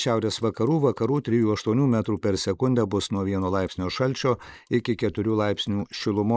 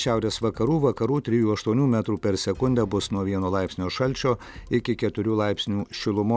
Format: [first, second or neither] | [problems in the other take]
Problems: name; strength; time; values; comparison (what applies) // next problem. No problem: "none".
second | noise reduction (neural mask model Resemble Enhance denoiser)